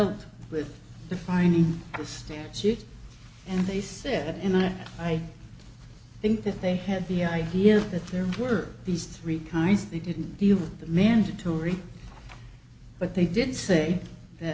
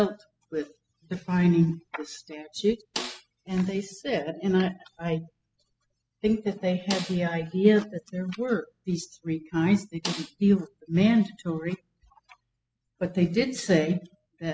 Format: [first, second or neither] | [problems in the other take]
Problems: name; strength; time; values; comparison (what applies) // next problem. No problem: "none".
first | noise reduction (classical method spectral subtraction)